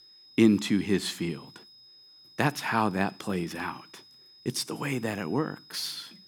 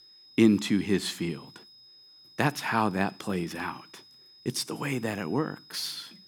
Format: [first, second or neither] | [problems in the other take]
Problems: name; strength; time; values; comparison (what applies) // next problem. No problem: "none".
neither | high-pitched whine; faint; throughout; 5 kHz, 25 dB below the speech; the same in both